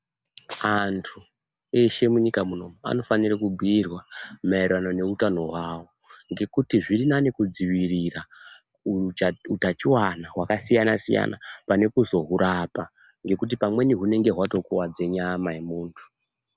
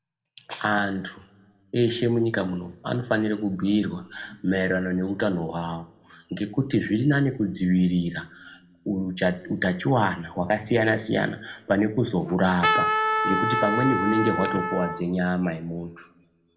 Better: first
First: none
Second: background sound (Trumpet); as loud as the speech // room echo; dies away in 0.4 s

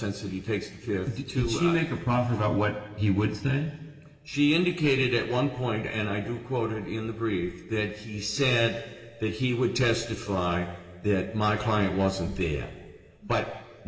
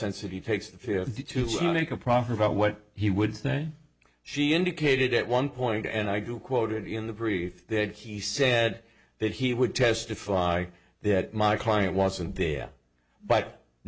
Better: second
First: room echo; dies away in 1.6 s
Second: none

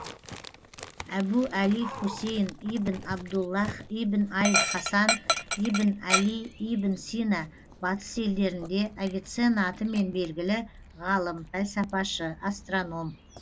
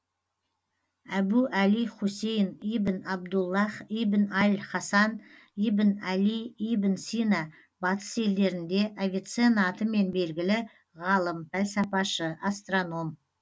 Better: second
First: background sound (Dog); 7 dB below the speech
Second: none

